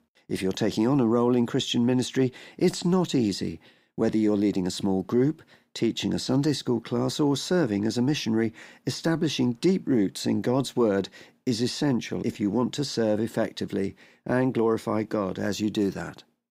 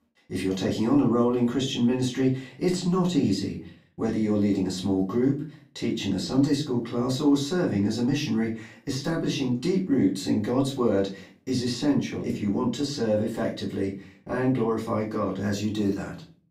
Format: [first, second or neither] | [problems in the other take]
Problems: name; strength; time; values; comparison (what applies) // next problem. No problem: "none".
first | off-mic speech; far // room echo; slight; dies away in 0.3 s